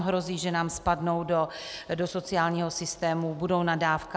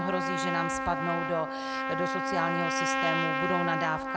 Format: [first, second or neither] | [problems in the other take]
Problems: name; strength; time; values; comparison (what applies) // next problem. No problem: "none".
first | background sound (Trumpet); 2 dB above the speech